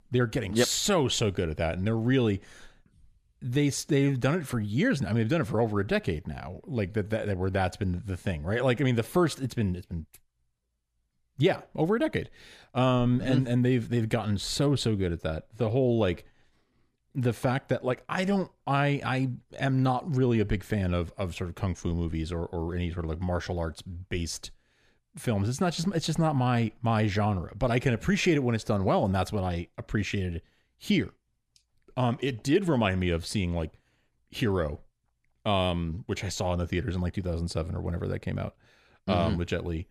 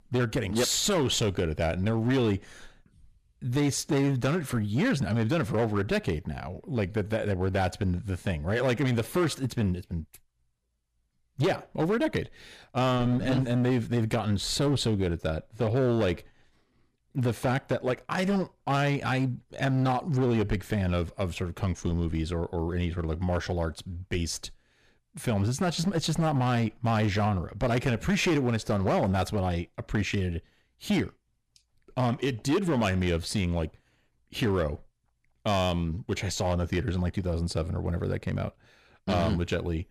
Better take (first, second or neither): first